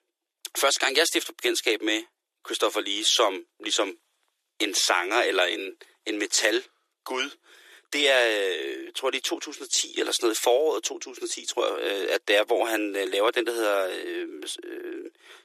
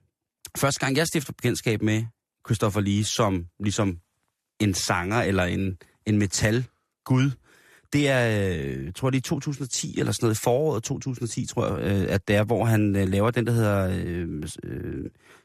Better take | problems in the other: second | thin; very; fading below 350 Hz

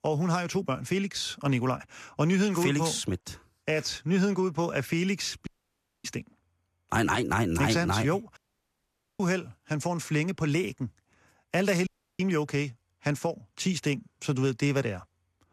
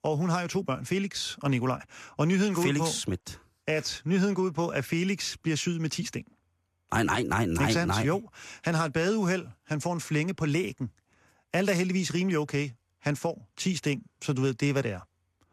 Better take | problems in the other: second | audio cutting out; at 5.5 s for 0.5 s, at 8.5 s for 1 s and at 12 s

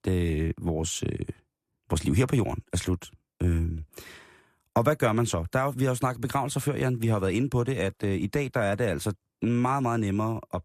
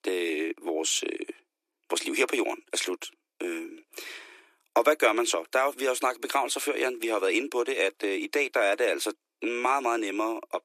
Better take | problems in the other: first | thin; very; fading below 300 Hz

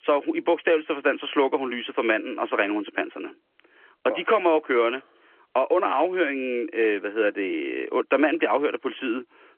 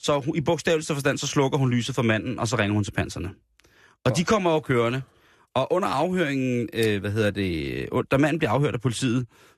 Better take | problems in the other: second | phone-call audio; nothing above 3 kHz

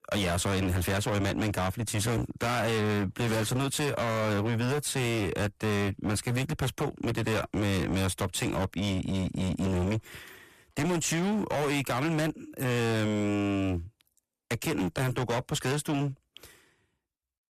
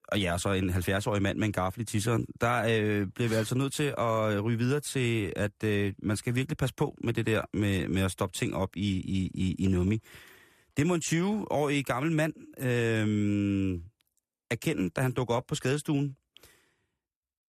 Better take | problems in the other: second | distortion; heavy; 28% of the sound clipped

